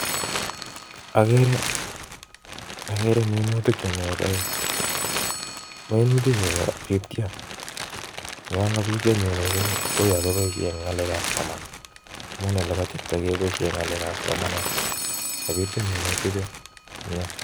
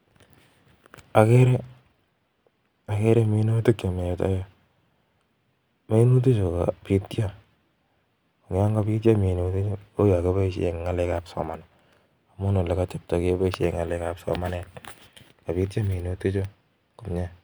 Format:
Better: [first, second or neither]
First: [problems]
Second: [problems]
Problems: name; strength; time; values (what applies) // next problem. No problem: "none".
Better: second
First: background sound (Telephone + Crumpling, crinkling); 5 dB below the speech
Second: none